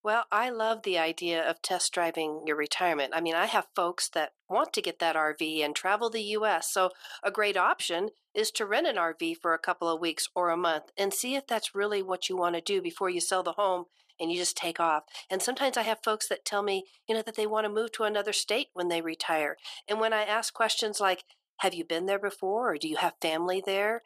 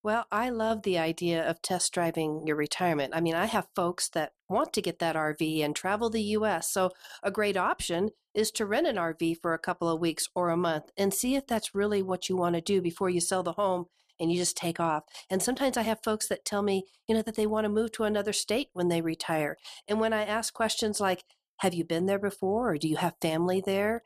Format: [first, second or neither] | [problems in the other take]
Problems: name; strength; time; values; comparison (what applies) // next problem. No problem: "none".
second | thin; somewhat; fading below 400 Hz